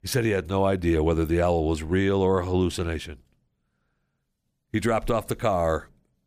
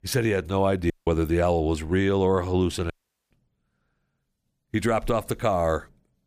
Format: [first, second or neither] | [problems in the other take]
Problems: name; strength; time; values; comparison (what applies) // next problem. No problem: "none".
first | audio cutting out; at 1 s and at 3 s